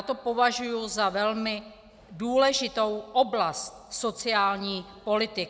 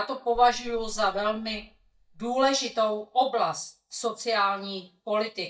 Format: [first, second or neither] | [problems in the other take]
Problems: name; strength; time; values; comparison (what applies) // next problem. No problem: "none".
first | noise reduction (neural mask model DeepFilterNet 3)